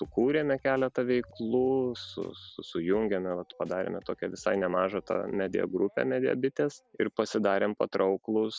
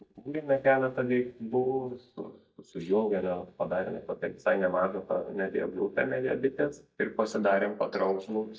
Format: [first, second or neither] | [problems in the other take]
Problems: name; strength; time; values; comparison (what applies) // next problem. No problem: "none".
first | noise reduction (neural mask model DeepFilterNet 3)